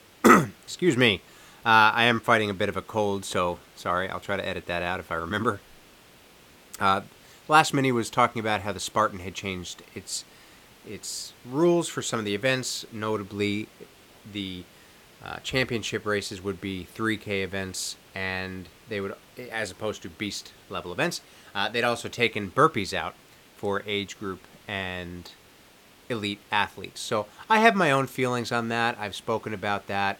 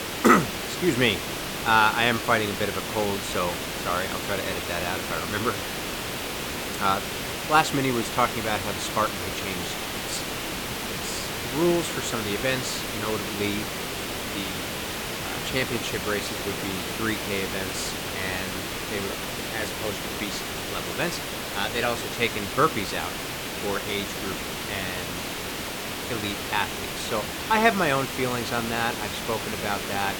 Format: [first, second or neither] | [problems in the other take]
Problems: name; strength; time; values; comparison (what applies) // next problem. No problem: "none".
first | hiss; loud; throughout; 3 dB below the speech; faint in the first